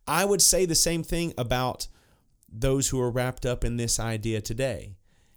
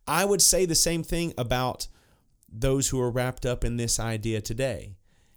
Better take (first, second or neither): neither